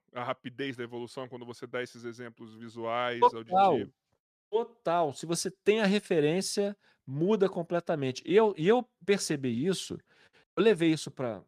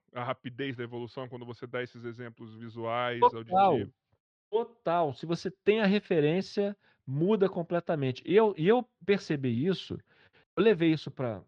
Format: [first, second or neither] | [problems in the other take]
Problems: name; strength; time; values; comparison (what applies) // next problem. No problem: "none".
first | muffled; slightly; fading above 4 kHz